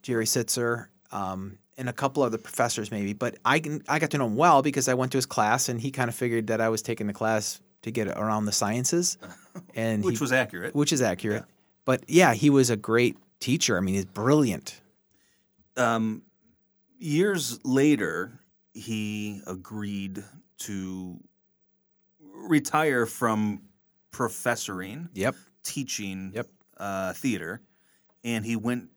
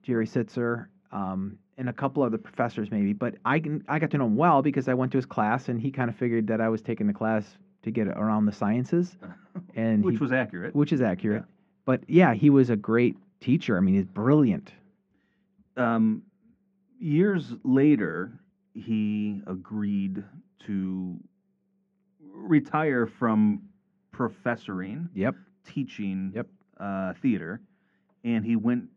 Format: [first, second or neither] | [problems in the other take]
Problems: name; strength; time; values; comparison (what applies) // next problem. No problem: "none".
first | muffled; very; fading above 2.5 kHz